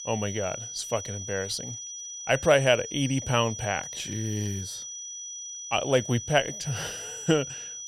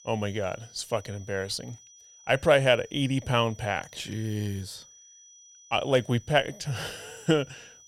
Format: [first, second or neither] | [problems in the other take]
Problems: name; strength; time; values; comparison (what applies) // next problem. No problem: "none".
second | high-pitched whine; loud; throughout; 6 kHz, 8 dB below the speech; faint in the second